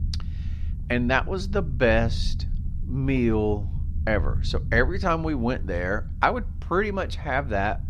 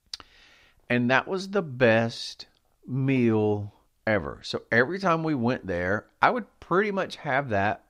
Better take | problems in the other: second | low rumble; faint; throughout; 20 dB below the speech

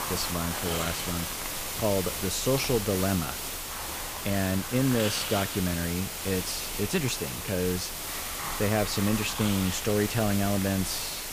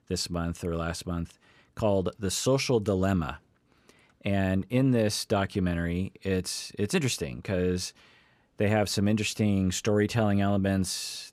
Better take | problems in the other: second | hiss; loud; throughout; 3 dB below the speech

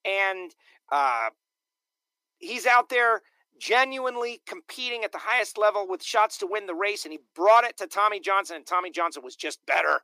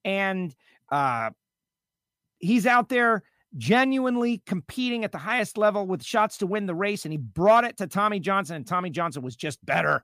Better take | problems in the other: second | thin; very; fading below 300 Hz

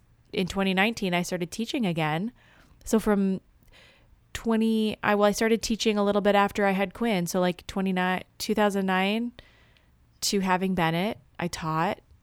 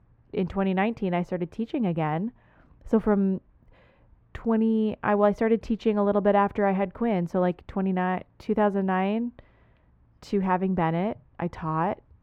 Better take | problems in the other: first | muffled; very; fading above 3 kHz

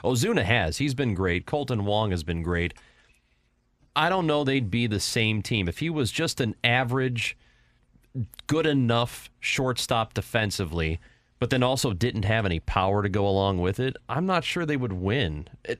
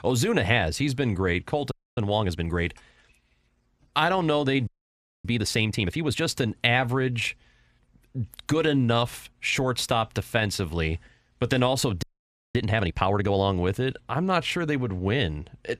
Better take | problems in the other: first | audio freezing; at 1.5 s, at 4.5 s for 0.5 s and at 12 s for 0.5 s

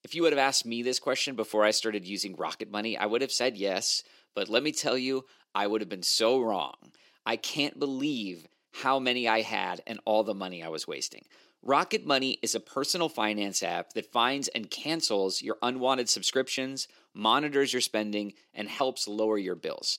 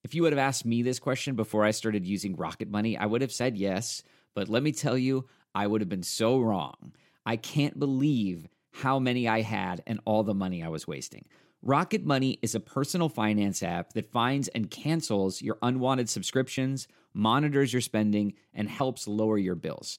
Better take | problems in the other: second | thin; somewhat; fading below 400 Hz

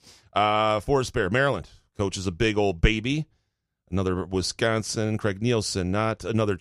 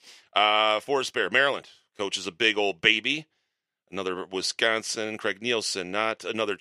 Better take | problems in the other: first | thin; somewhat; fading below 350 Hz

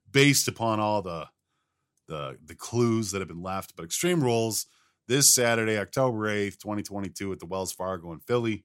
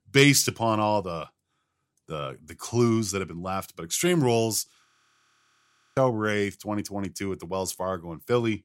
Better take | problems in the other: first | audio freezing; at 5 s for 1 s

